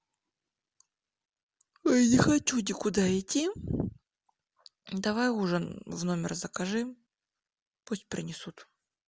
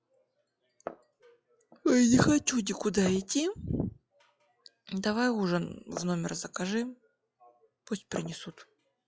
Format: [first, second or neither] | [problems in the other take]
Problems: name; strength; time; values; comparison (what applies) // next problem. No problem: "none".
first | noise reduction (classical method log-MMSE)